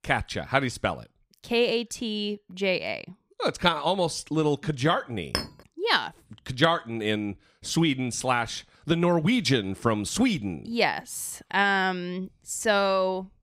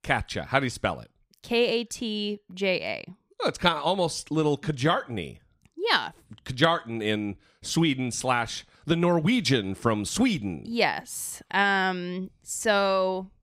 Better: second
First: clattering dishes; noticeable; at 5.5 s; peak 5 dB below the speech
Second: none

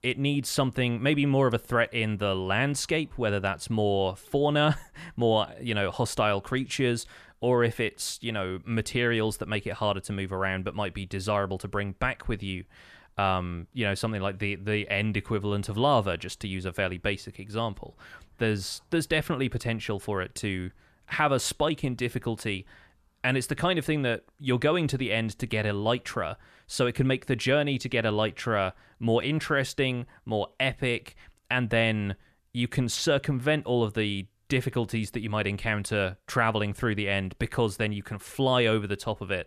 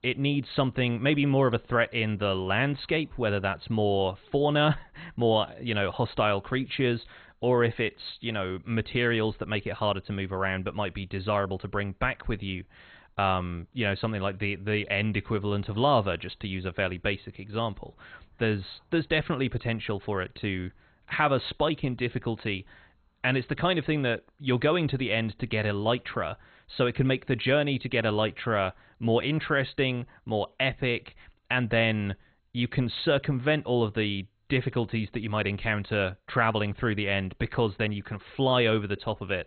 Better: first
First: none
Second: garbled, watery; badly; nothing above 4 kHz

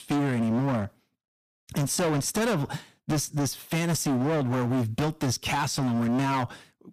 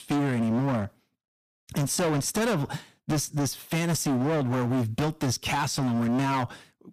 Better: neither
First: distortion; heavy; 26% of the sound clipped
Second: distortion; heavy; 26% of the sound clipped

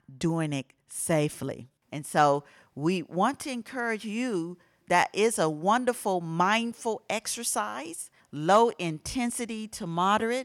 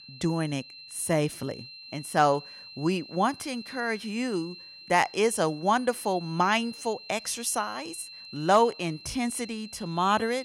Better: first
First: none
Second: high-pitched whine; noticeable; throughout; 4 kHz, 15 dB below the speech

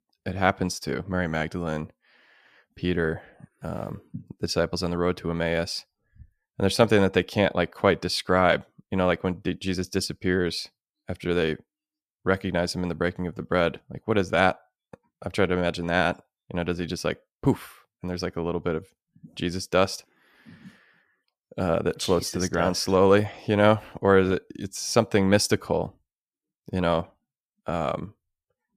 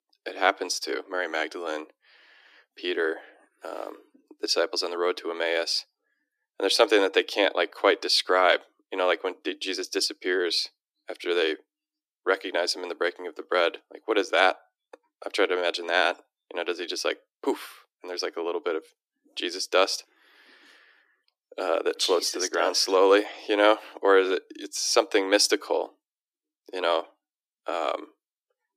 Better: first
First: none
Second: thin; somewhat; fading below 300 Hz

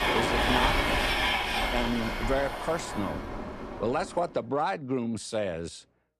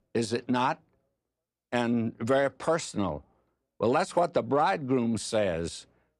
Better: second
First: train or aircraft noise; very loud; until 4 s; 3 dB above the speech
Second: none

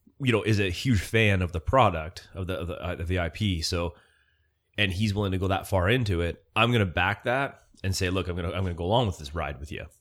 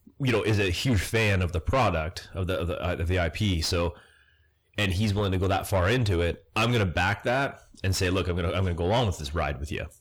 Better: first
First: none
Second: distortion; heavy; 7 dB below the speech

